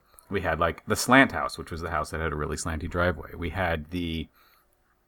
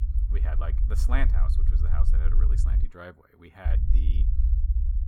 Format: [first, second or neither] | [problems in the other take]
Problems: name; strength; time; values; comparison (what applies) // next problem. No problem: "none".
first | low rumble; loud; until 3 s and from 3.5 s on; 6 dB below the speech